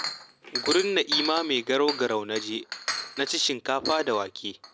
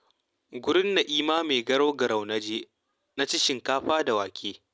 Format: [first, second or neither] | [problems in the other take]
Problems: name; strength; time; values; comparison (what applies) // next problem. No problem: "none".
second | background sound (Chink, clink); 7 dB below the speech